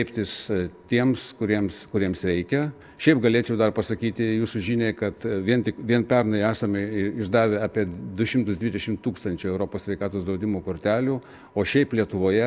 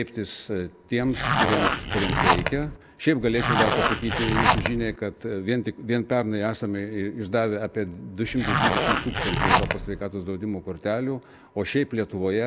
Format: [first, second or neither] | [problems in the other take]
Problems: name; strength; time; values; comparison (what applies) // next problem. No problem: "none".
first | background sound (Zipper (clothing)); 3 dB above the speech